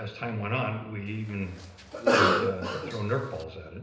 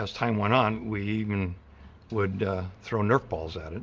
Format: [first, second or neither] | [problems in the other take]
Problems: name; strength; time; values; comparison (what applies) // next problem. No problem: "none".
second | background sound (Cough); 5 dB above the speech // room echo; dies away in 0.9 s